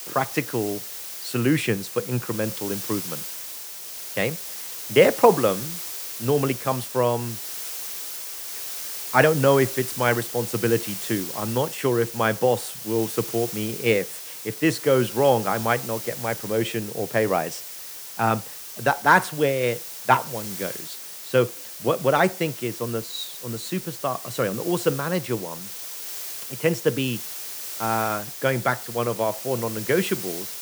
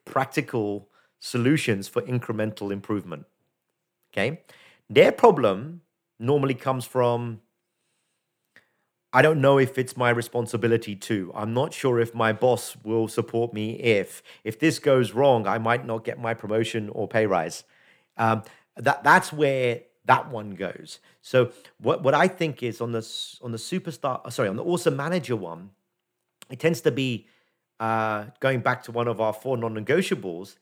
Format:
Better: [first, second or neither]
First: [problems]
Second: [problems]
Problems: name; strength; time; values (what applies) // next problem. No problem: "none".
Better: second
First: hiss; loud; throughout; 8 dB below the speech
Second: none